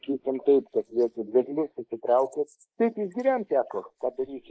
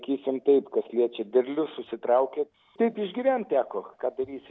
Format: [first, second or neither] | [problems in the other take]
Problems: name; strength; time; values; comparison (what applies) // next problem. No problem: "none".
second | noise reduction (neural mask model Resemble Enhance denoiser)